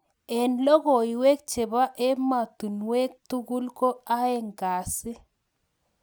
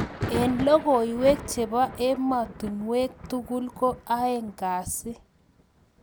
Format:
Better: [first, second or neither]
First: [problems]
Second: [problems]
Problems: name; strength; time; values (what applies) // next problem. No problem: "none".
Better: first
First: none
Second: background sound (Thunder); 11 dB below the speech